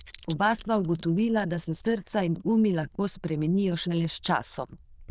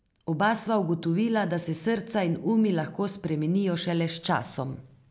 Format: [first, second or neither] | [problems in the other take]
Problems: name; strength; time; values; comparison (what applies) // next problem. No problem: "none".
second | noise reduction (neural diffusion model UNIVERSE++)